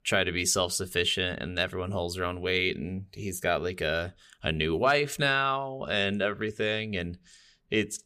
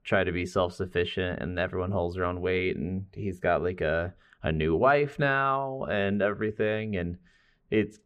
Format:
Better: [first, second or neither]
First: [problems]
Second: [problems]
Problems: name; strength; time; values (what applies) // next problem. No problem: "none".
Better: first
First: none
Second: muffled; very; fading above 3.5 kHz